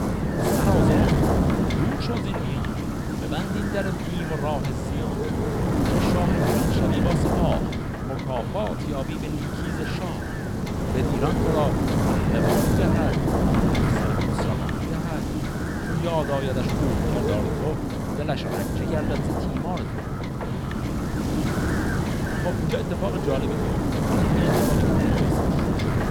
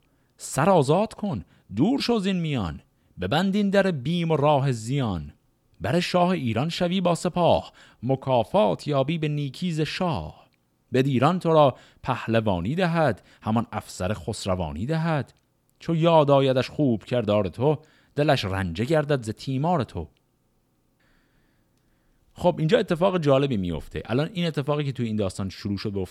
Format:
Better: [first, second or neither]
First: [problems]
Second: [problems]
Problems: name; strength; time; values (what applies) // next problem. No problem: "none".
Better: second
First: wind noise on the microphone; heavy; 4 dB above the speech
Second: none